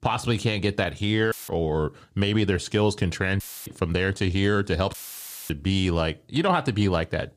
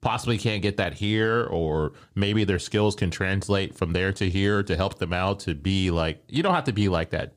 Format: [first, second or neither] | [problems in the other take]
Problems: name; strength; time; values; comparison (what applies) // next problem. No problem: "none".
second | audio cutting out; filled with static; at 1.5 s, at 3.5 s and at 5 s for 0.5 s